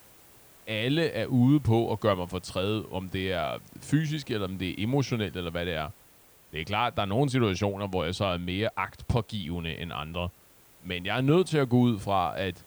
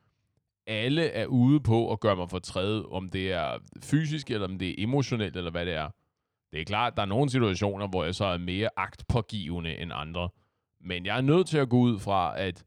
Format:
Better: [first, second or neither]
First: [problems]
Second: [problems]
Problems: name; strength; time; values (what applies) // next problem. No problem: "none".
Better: second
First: hiss; faint; throughout; 25 dB below the speech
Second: none